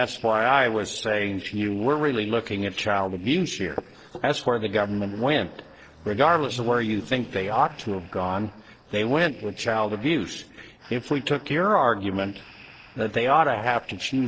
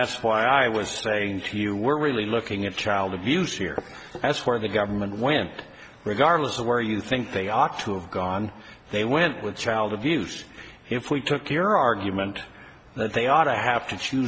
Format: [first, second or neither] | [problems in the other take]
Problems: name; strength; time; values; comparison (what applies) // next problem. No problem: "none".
second | noise reduction (neural separator model SepFormer DNS4)